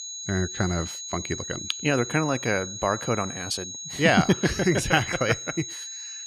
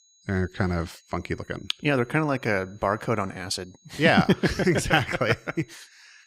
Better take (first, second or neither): second